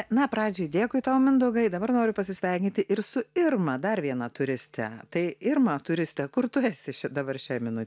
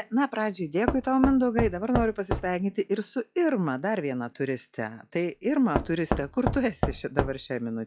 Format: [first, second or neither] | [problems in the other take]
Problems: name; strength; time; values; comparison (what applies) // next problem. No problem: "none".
first | noise reduction (classical method log-MMSE)